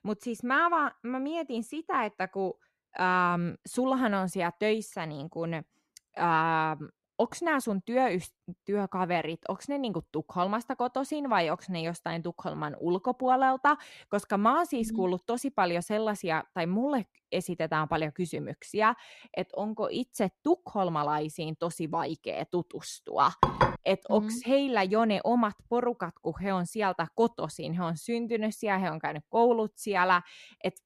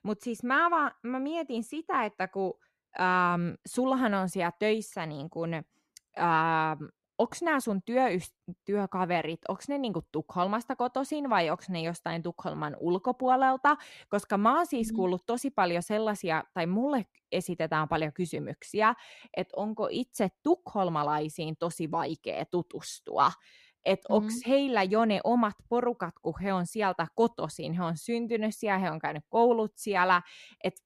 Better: second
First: clattering dishes; loud; at 23 s; peak 4 dB above the speech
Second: none

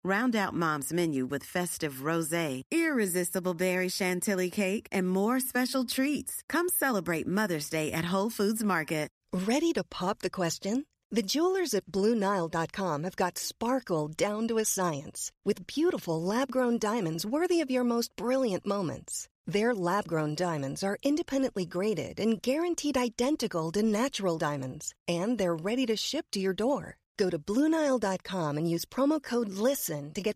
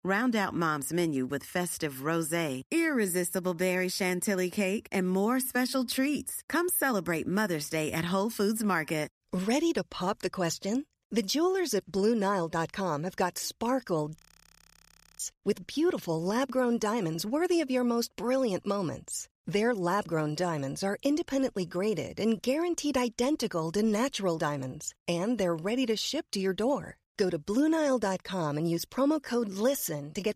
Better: first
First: none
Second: audio freezing; at 14 s for 1 s

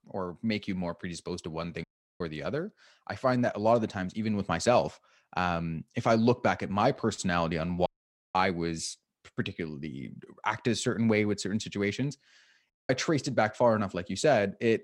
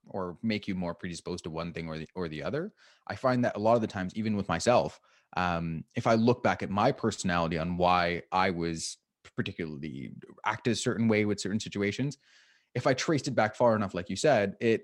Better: second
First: audio cutting out; at 2 s, at 8 s and at 13 s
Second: none

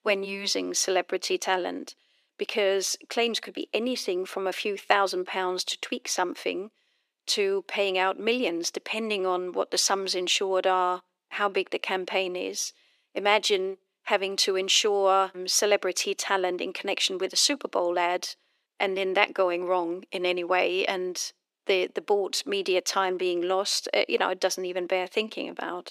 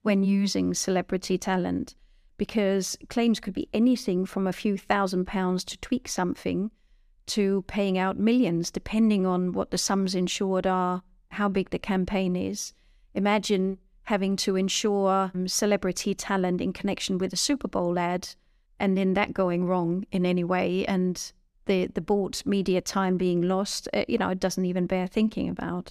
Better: second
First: thin; very; fading below 350 Hz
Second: none

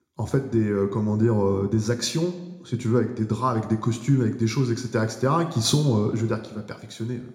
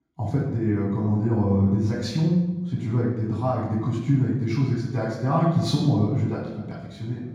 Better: first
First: room echo; slight; dies away in 0.7 s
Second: room echo; strong; dies away in 1.3 s // off-mic speech; far

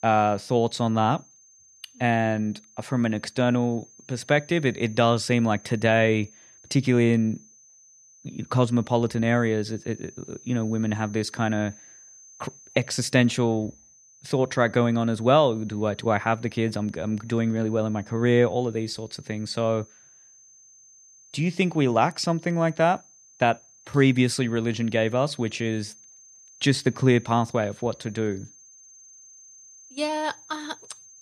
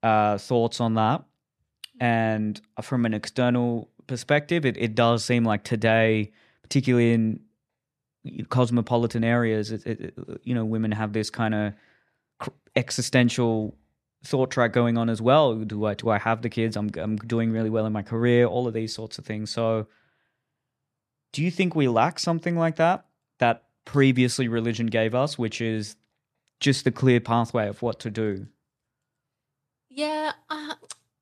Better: second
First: high-pitched whine; faint; throughout; 6.5 kHz, 25 dB below the speech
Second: none

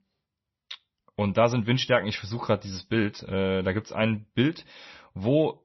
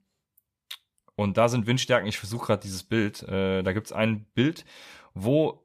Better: second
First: garbled, watery; slightly; nothing above 6 kHz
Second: none

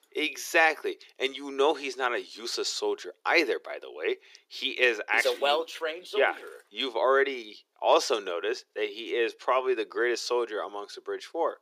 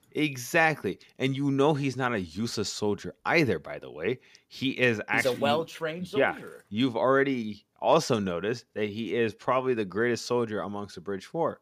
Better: second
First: thin; very; fading below 350 Hz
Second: none

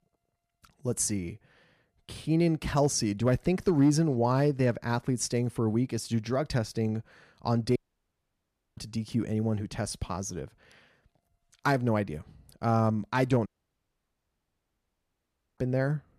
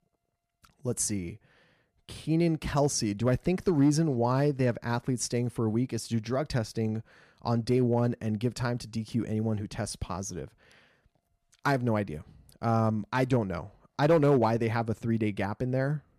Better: second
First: audio cutting out; at 8 s for 1 s and at 13 s for 2 s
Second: none

